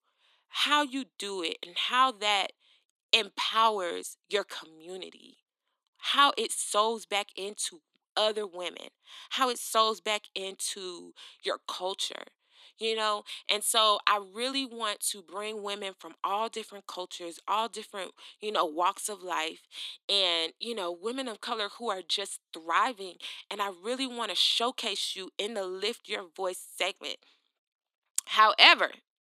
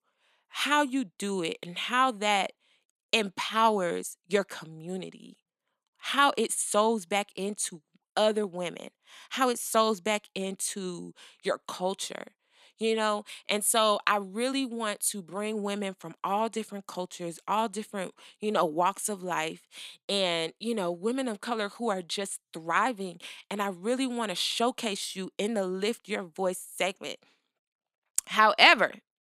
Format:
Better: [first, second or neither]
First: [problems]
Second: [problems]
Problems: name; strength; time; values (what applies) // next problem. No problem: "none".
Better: second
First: thin; somewhat; fading below 300 Hz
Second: none